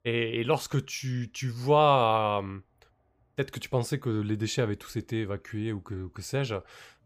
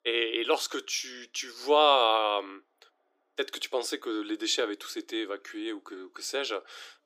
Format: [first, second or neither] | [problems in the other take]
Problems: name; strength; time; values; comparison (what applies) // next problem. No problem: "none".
first | thin; very; fading below 300 Hz